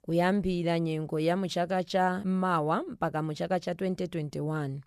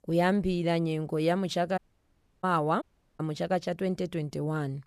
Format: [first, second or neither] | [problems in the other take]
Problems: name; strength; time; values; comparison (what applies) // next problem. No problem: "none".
first | audio cutting out; at 2 s for 0.5 s and at 3 s